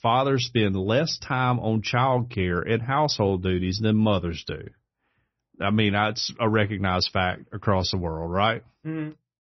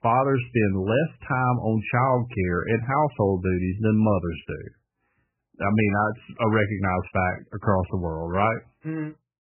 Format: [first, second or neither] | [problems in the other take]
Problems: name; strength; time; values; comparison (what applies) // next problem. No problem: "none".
first | garbled, watery; badly; nothing above 3 kHz; slightly in the first